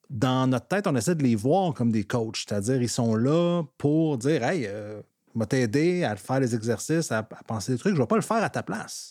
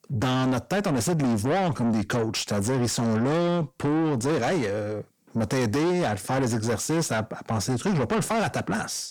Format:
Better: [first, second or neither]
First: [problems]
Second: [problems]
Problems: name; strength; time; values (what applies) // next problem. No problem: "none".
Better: first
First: none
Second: distortion; heavy; 6 dB below the speech